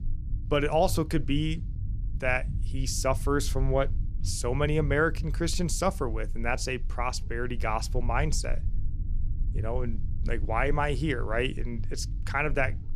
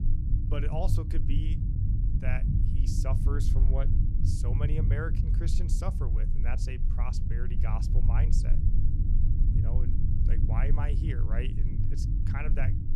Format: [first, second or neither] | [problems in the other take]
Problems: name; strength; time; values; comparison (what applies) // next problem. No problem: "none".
first | low rumble; loud; throughout; 3 dB below the speech; faint in the first